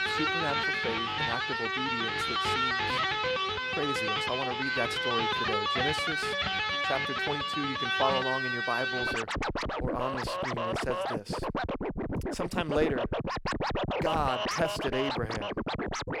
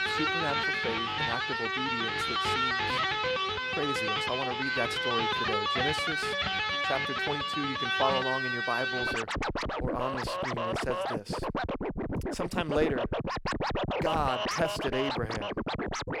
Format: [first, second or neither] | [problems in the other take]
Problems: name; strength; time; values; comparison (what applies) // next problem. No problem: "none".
neither | background music; very loud; throughout; 5 dB above the speech; the same in both